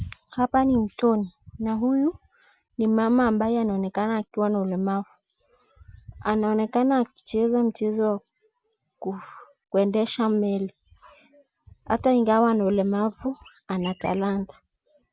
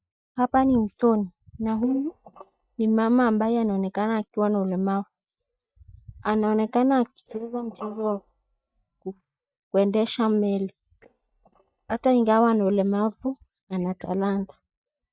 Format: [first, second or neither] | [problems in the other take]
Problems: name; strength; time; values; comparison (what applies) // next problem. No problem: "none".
first | noise reduction (neural mask model DeepFilterNet 3)